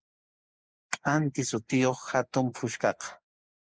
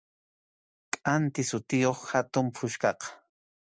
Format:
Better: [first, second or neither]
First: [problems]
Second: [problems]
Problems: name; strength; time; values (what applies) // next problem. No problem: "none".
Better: second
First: noise reduction (neural mask model Resemble Enhance denoiser)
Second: none